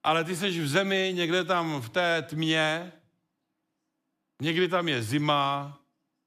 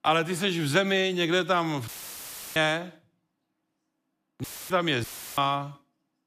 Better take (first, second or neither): first